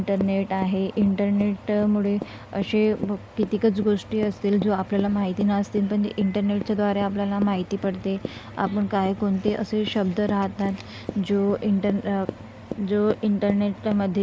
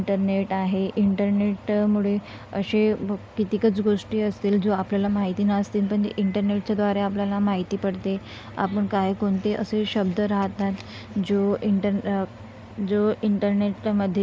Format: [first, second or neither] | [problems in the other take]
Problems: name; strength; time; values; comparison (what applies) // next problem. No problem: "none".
second | background sound (Run); 15 dB below the speech